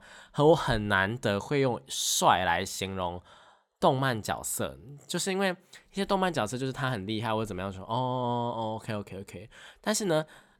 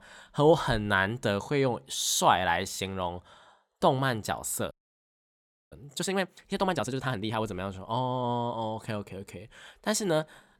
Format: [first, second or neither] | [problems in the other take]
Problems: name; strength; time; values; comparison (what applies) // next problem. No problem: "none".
first | audio freezing; at 4.5 s for 1 s